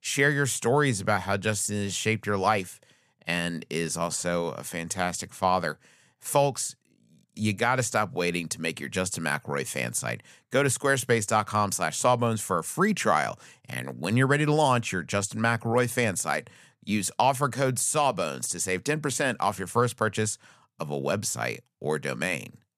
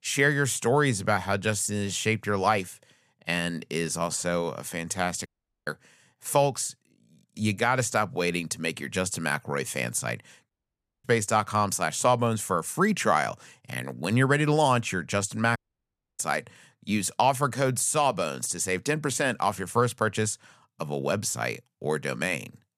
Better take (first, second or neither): first